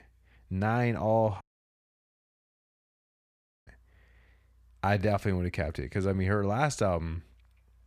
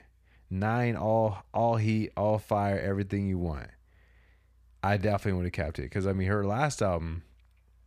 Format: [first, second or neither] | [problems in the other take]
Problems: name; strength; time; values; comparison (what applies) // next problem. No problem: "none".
second | audio cutting out; at 1.5 s for 2.5 s